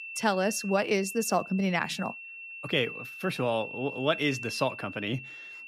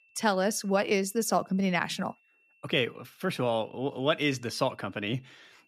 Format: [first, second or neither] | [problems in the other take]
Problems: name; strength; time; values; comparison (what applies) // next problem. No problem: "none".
second | high-pitched whine; loud; throughout; 2.5 kHz, 10 dB below the speech; faint in the second